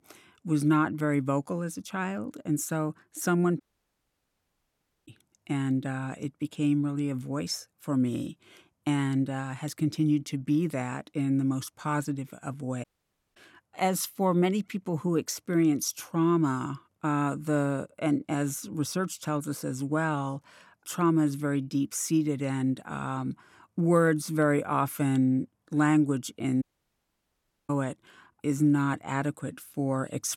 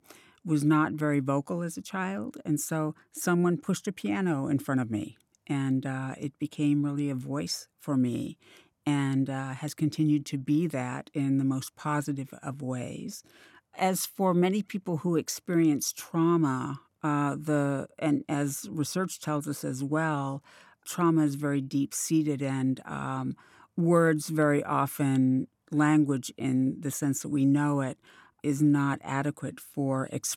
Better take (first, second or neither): second